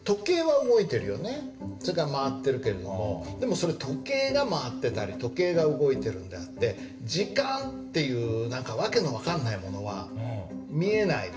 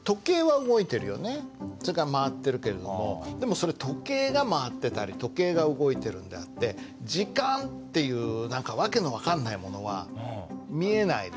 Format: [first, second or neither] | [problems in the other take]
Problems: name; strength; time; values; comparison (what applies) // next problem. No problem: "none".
second | room echo; dies away in 0.6 s